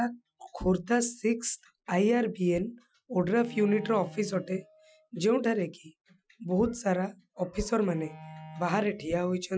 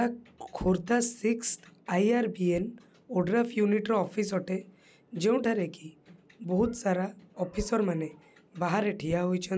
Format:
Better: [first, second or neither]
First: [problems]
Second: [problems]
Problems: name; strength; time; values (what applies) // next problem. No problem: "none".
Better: second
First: noise reduction (classical method Wiener filter)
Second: none